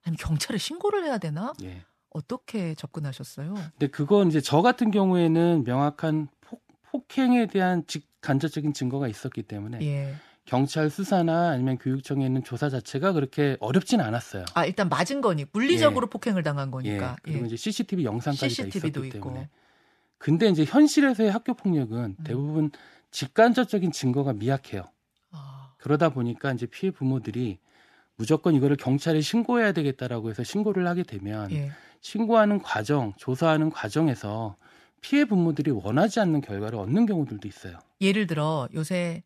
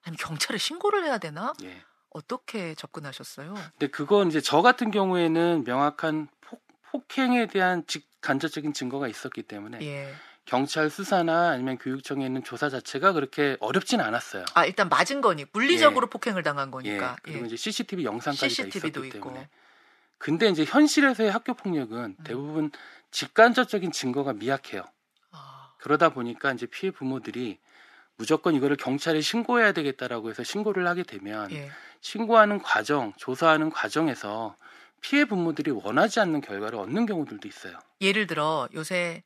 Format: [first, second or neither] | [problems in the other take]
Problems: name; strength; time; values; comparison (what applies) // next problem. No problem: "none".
first | thin; somewhat; fading below 250 Hz